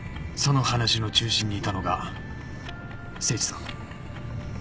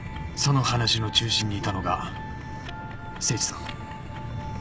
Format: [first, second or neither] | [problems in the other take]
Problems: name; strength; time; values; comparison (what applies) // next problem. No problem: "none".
first | background sound (Glass); 16 dB below the speech